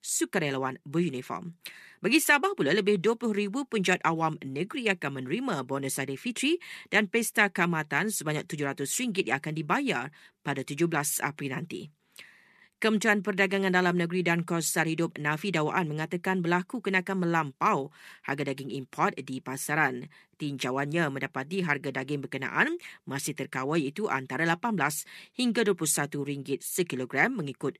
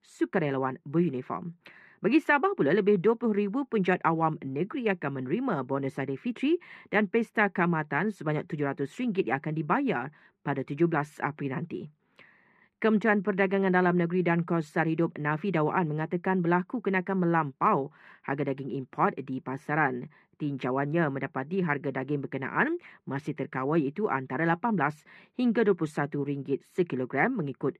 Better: first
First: none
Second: muffled; very; fading above 3.5 kHz

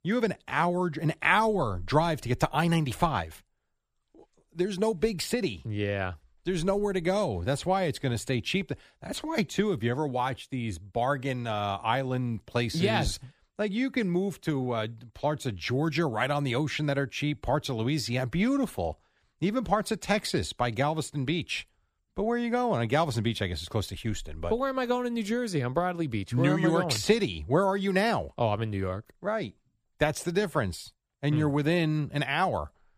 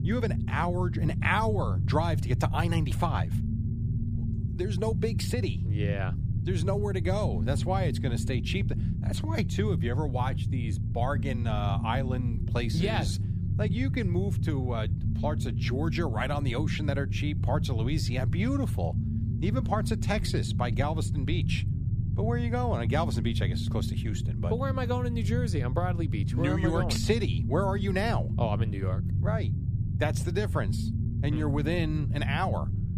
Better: first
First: none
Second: low rumble; loud; throughout; 9 dB below the speech

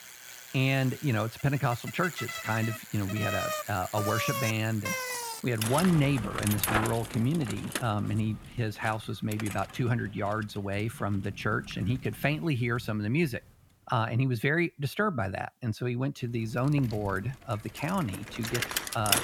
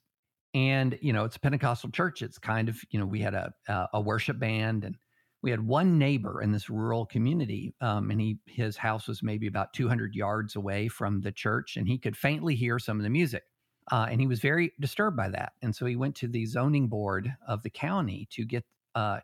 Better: second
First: traffic noise; loud; throughout; 5 dB below the speech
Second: none

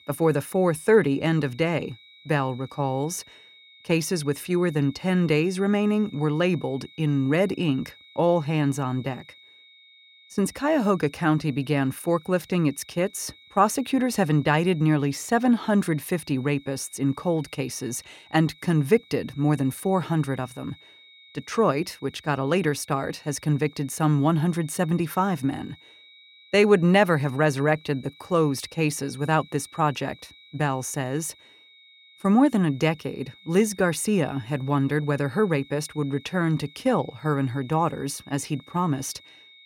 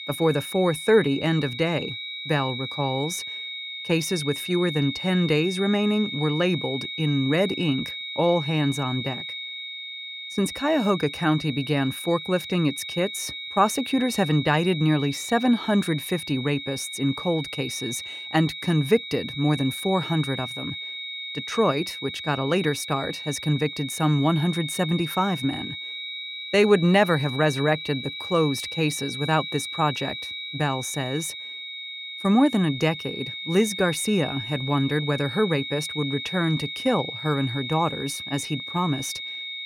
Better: first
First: high-pitched whine; faint; throughout; 3.5 kHz, 25 dB below the speech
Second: high-pitched whine; loud; throughout; 3.5 kHz, 7 dB below the speech

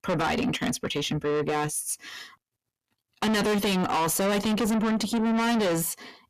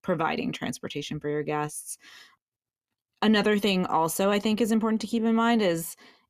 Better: second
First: distortion; heavy; 6 dB below the speech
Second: none

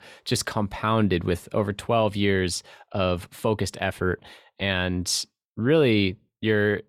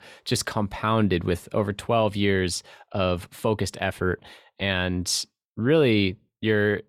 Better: neither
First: none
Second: none

